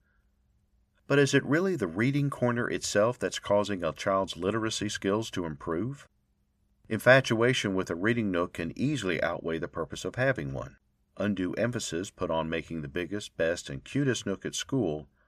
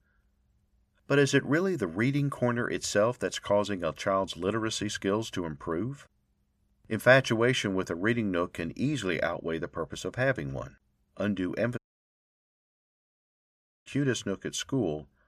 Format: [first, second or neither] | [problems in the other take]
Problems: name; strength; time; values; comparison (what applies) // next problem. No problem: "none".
first | audio cutting out; at 12 s for 2 s